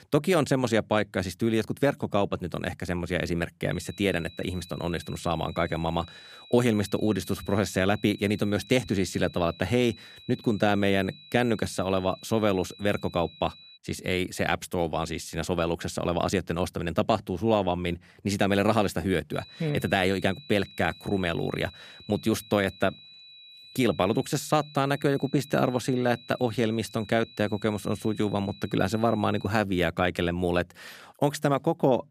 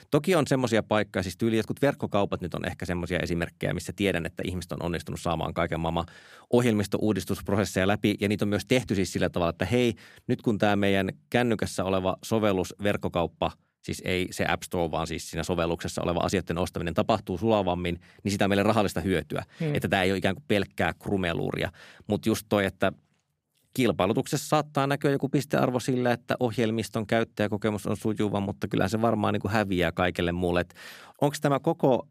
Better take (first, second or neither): second